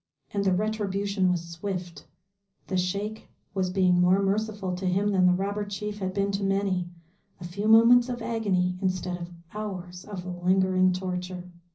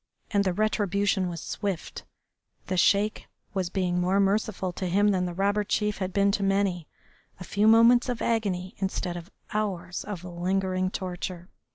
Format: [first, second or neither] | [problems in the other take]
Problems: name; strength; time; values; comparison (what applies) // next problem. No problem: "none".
second | room echo; dies away in 0.5 s